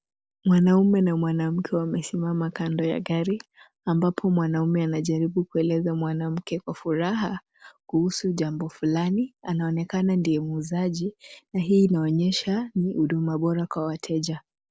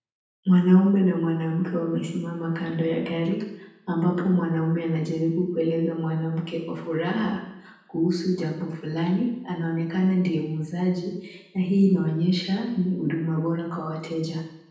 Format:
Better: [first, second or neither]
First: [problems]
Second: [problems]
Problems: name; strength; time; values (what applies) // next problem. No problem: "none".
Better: first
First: none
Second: room echo; dies away in 0.9 s